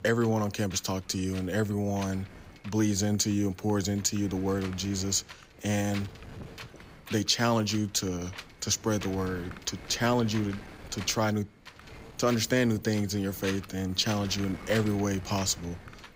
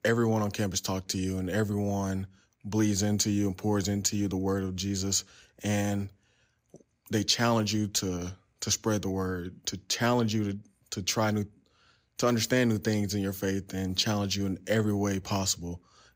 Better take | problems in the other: second | wind noise on the microphone; occasional gusts; 15 dB below the speech

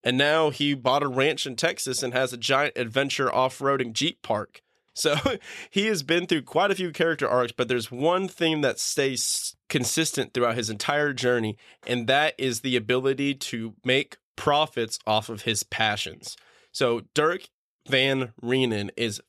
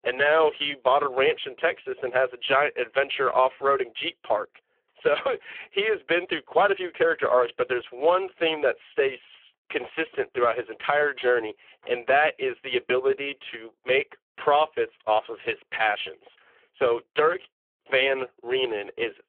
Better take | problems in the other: first | phone-call audio; poor line

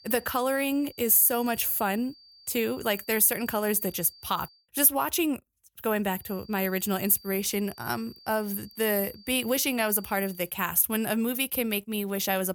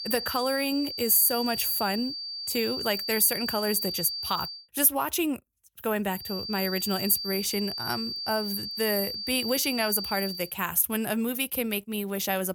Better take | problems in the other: first | high-pitched whine; loud; until 4.5 s and from 6 to 10 s; 4.5 kHz, 5 dB below the speech; faint in the first

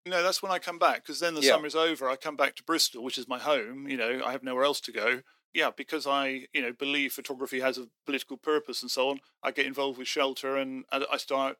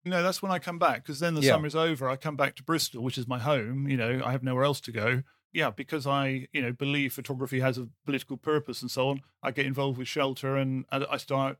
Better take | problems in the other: second | thin; somewhat; fading below 300 Hz

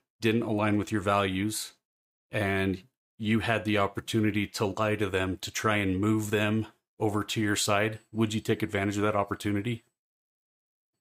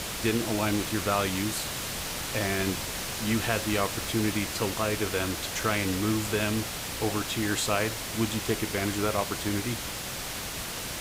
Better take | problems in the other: first | hiss; loud; throughout; 3 dB below the speech

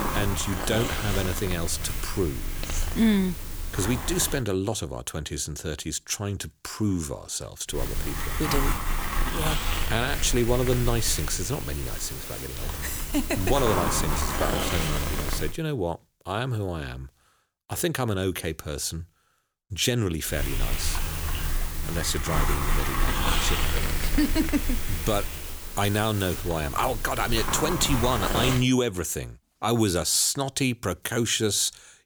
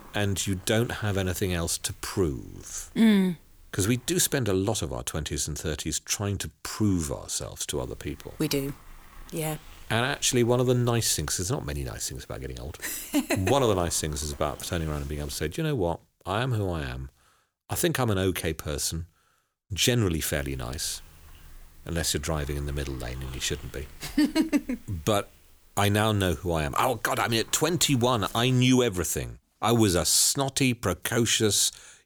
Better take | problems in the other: second | hiss; loud; until 4.5 s, from 8 to 15 s and from 20 to 29 s; 3 dB below the speech; faint in the second

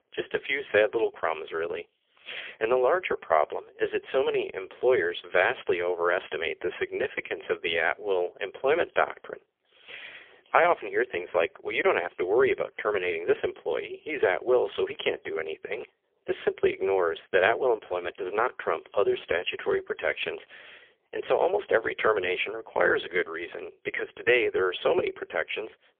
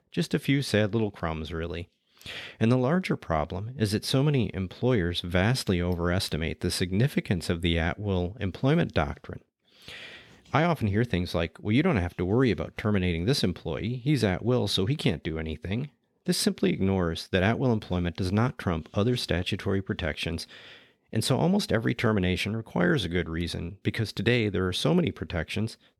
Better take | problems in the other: second | phone-call audio; poor line; nothing above 3.5 kHz

